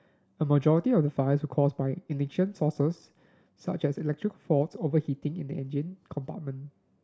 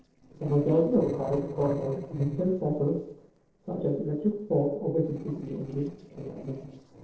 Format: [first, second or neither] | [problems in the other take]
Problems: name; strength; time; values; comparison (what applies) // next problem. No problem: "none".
first | noise reduction (neural separator model SepFormer DNS4)